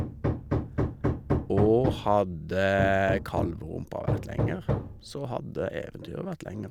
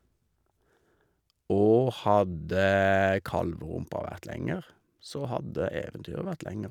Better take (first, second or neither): second